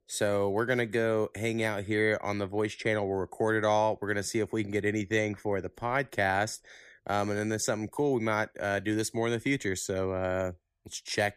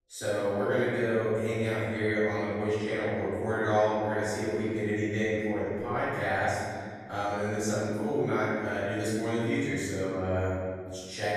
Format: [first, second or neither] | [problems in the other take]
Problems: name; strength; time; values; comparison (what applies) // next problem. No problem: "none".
first | off-mic speech; far // room echo; strong; dies away in 1.9 s